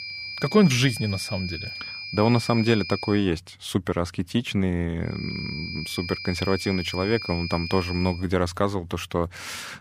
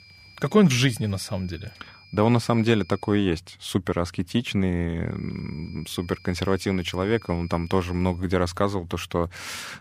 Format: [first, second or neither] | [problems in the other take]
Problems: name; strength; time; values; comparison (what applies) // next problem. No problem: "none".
second | high-pitched whine; loud; until 3 s and from 5 to 8 s; 2.5 kHz, 8 dB below the speech; faint in the second